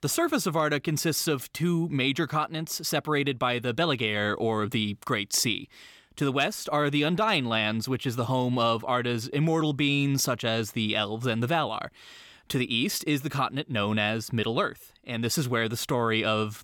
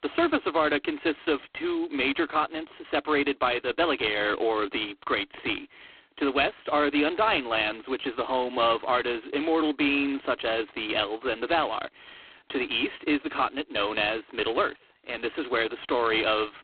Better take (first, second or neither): first